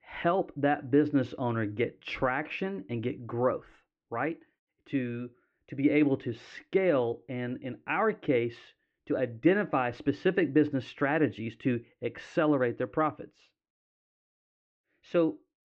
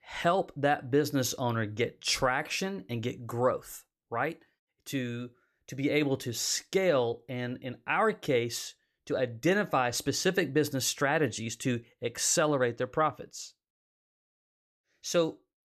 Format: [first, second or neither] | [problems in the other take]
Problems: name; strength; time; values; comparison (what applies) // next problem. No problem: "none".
second | muffled; very; fading above 2.5 kHz